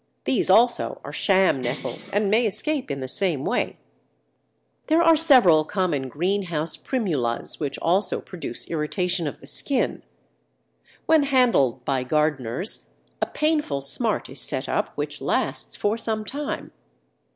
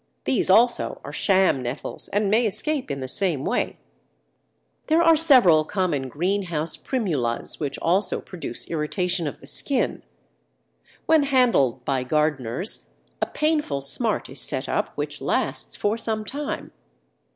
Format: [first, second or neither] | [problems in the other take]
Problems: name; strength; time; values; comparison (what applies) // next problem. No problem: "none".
second | background sound (Bell); 15 dB below the speech